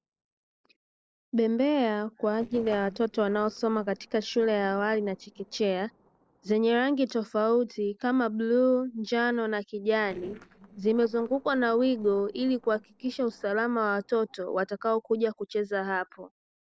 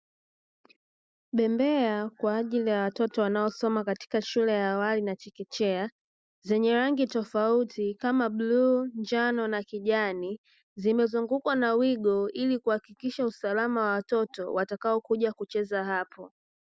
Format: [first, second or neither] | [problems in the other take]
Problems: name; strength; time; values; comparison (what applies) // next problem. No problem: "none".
second | noise reduction (neural separator model SepFormer DNS4)